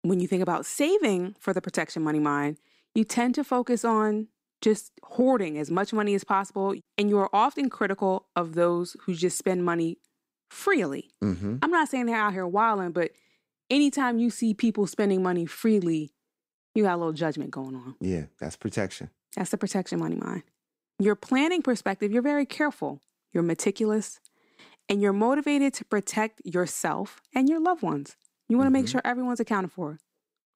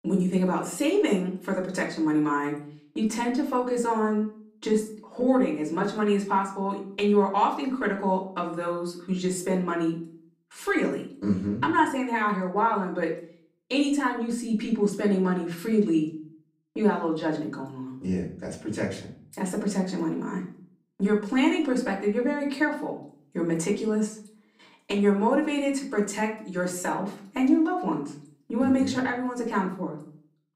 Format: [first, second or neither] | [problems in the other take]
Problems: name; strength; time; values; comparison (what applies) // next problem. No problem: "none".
first | off-mic speech; far // room echo; slight; dies away in 0.4 s